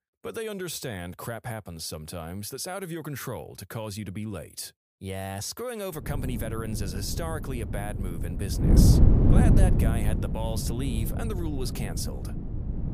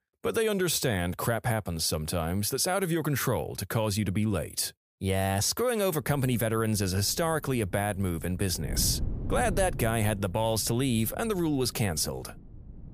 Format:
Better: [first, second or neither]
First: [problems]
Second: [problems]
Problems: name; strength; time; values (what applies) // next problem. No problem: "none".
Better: second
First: wind noise on the microphone; heavy; from 6 s on; as loud as the speech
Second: wind noise on the microphone; occasional gusts; from 6 s on; 20 dB below the speech